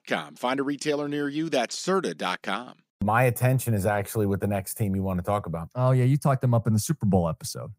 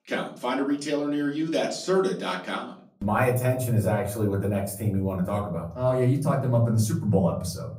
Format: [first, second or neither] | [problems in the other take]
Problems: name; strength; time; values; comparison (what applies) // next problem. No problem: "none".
first | off-mic speech; far // room echo; very slight; dies away in 0.5 s